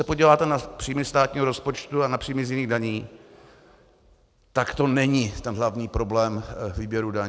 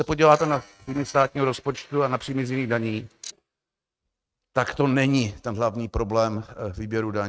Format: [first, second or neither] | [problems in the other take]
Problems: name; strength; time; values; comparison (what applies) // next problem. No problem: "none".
first | noise reduction (neural mask model RNNoise)